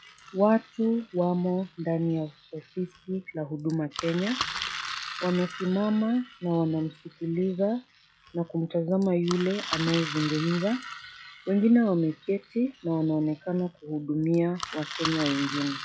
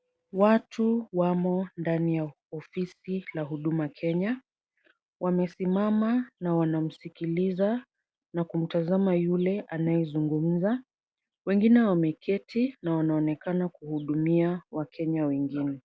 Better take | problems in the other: second | noise reduction (classical method log-MMSE)

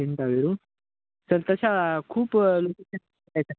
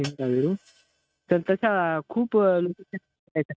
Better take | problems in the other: first | noise reduction (neural mask model RNNoise)

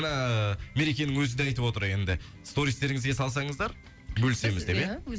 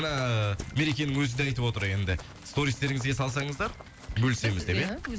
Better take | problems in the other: first | background sound (Run); 18 dB below the speech

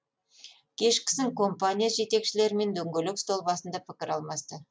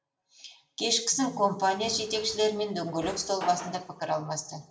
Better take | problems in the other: first | background sound (Drawer open or close); 14 dB below the speech // room echo; dies away in 0.6 s

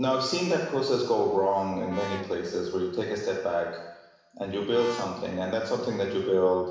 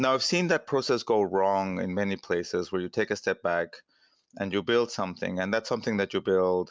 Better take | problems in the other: second | background sound (Brass instrument); 14 dB below the speech // room echo; dies away in 1 s

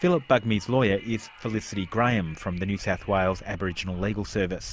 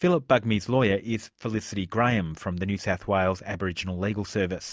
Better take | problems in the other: second | background sound (Wind); 18 dB below the speech

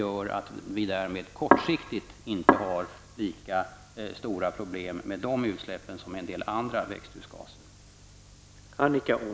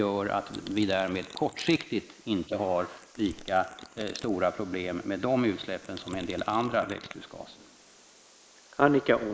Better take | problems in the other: first | noise reduction (neural mask model Resemble Enhance denoiser)

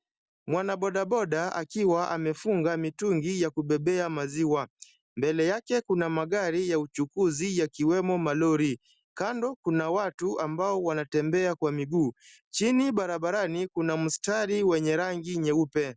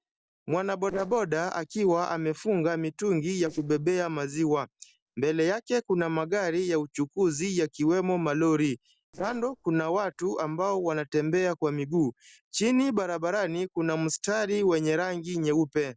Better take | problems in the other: first | noise reduction (neural separator model SepFormer DNS4)

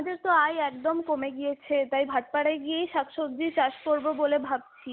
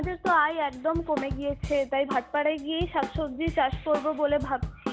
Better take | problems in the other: first | background sound (Drum kit); 9 dB below the speech

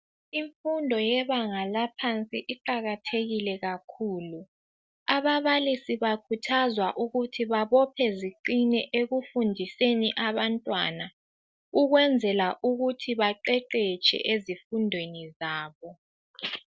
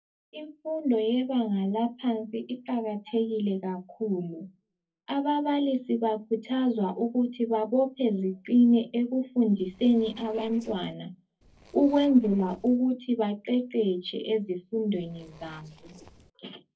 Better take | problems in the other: first | noise reduction (neural separator model SepFormer DNS4)

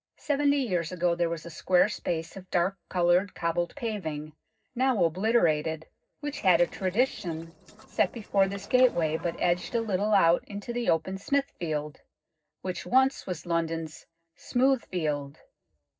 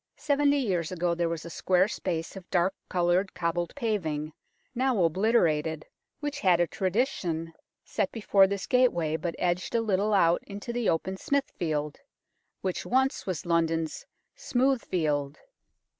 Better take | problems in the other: second | noise reduction (neural separator model SepFormer DNS4)

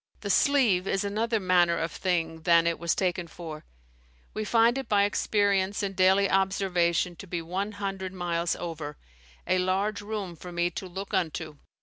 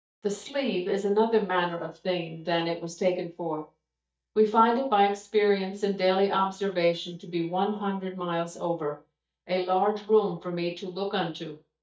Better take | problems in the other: first | noise reduction (neural mask model DeepFilterNet 3)

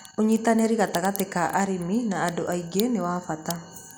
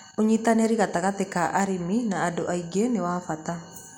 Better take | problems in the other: second | background sound (Crack); 19 dB below the speech

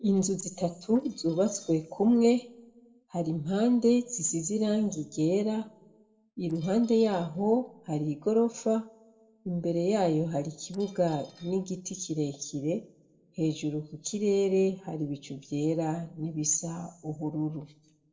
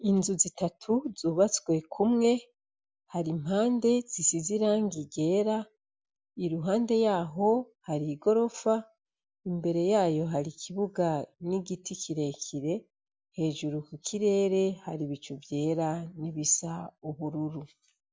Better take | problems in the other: second | noise reduction (neural separator model SepFormer DNS4)

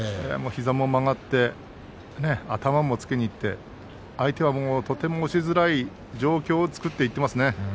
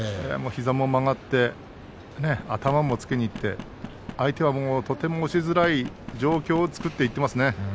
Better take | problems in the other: first | background sound (Knock); 16 dB below the speech

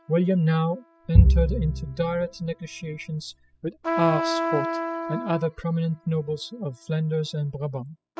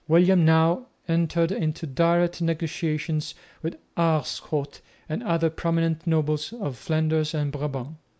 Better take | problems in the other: second | noise reduction (classical method spectral subtraction)

